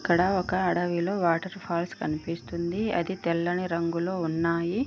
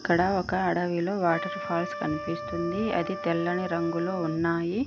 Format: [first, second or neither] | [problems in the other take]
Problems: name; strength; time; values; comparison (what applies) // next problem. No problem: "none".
first | background sound (Trumpet); 10 dB below the speech